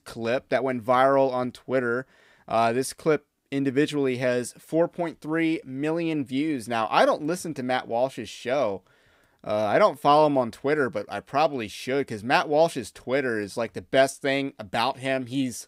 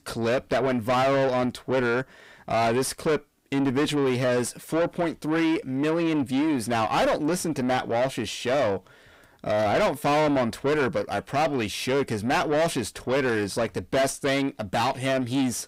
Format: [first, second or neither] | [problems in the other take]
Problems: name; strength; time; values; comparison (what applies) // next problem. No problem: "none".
first | distortion; heavy; 5 dB below the speech